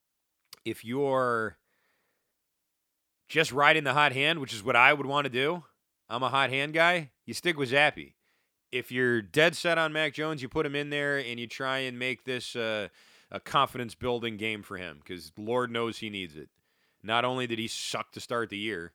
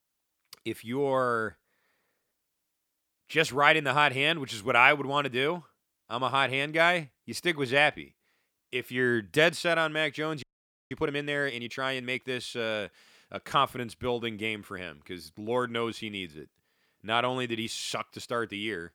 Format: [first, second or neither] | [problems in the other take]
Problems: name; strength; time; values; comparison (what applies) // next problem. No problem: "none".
first | audio freezing; at 10 s